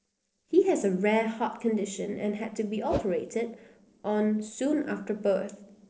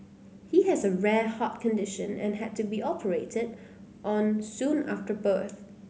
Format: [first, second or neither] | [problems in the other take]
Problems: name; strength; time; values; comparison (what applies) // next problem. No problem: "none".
second | noise reduction (neural separator model SepFormer DNS4)